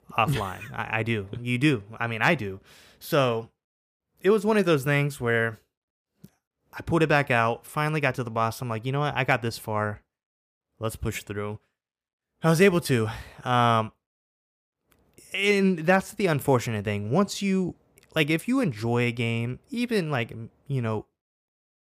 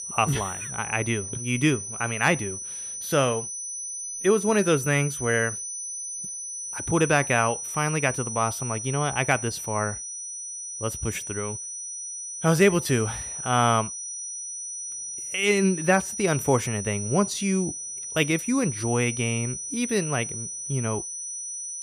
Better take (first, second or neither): first